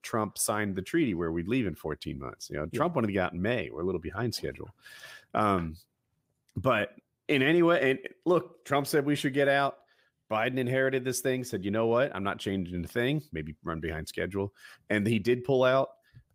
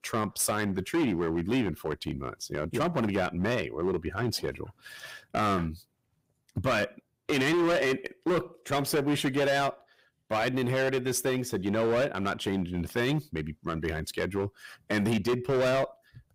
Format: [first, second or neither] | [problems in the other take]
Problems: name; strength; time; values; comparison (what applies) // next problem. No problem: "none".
first | distortion; heavy; 12% of the sound clipped